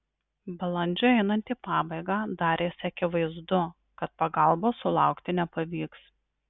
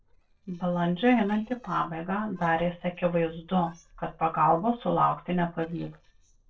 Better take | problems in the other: first | noise reduction (neural separator model SepFormer DNS4)

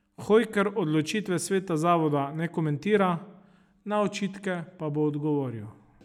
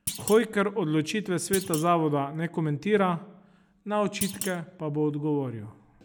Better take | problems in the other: first | background sound (Thump, thud); 12 dB below the speech

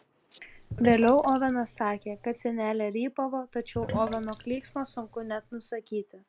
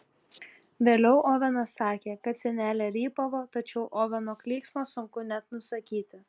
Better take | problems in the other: second | background sound (Sink (filling or washing)); 12 dB below the speech

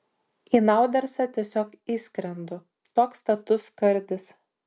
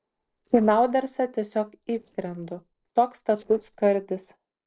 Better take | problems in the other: first | noise reduction (neural separator model SepFormer DNS4)

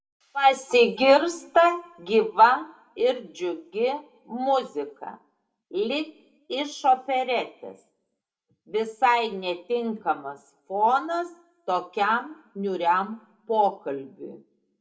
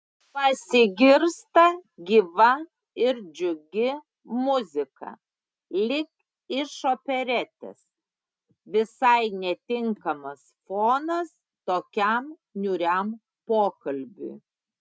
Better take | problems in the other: second | room echo; dies away in 0.3 s

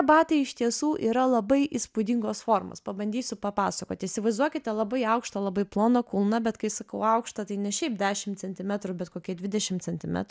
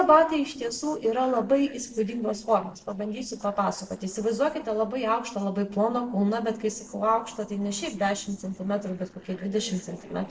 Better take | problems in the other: first | noise reduction (neural separator model SepFormer DNS4)

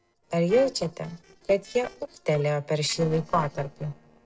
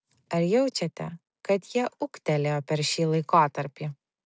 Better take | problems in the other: second | noise reduction (neural separator model SepFormer DNS4)

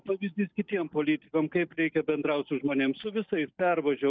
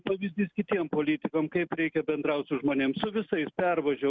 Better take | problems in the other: second | noise reduction (neural mask model DeepFilterNet 3)

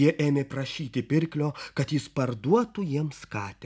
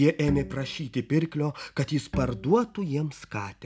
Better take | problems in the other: first | background sound (Bowed string instrument); 11 dB below the speech

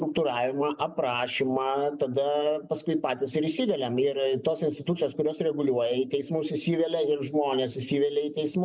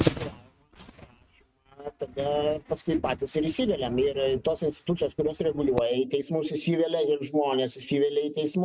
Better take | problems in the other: first | noise reduction (neural mask model RNNoise)

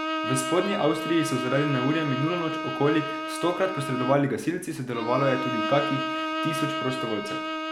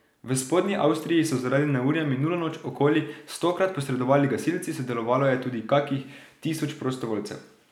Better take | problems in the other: second | background sound (Bowed string instrument); 4 dB below the speech

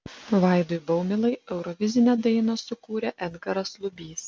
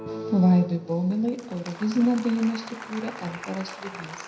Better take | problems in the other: first | background sound (Applause); 13 dB below the speech // room echo; dies away in 0.8 s

